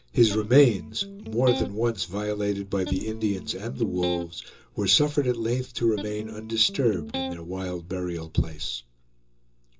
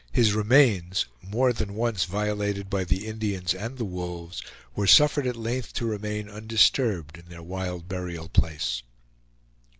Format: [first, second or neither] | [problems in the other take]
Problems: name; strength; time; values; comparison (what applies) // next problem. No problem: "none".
second | background sound (Electric guitar); 10 dB below the speech // room echo; dies away in 0.2 s